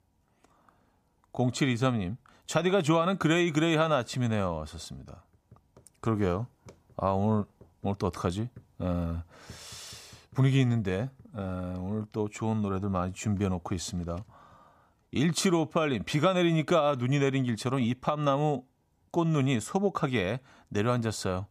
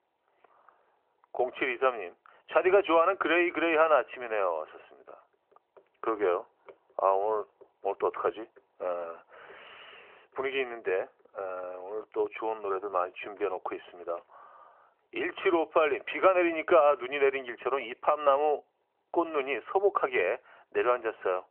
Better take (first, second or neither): first